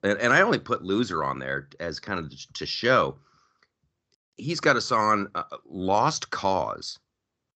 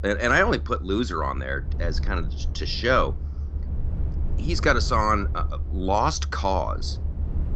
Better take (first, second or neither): first